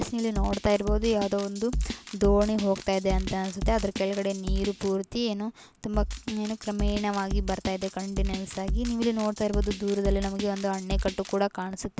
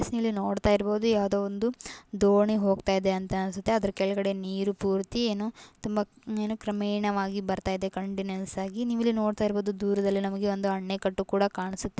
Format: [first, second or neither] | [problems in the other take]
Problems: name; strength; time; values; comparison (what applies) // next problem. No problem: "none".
second | background sound (Drum kit); 4 dB below the speech